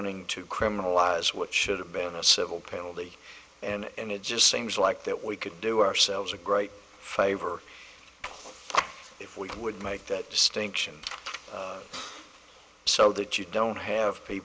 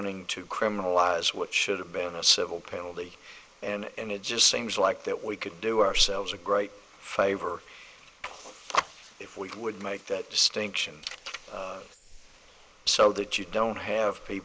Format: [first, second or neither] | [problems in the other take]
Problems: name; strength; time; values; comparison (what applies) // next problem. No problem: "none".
first | noise reduction (neural mask model Resemble Enhance denoiser)